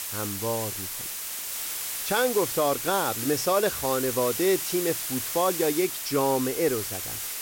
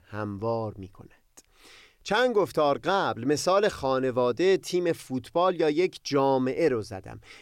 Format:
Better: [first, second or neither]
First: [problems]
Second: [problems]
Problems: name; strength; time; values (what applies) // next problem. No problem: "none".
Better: second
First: hiss; loud; throughout; 3 dB below the speech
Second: none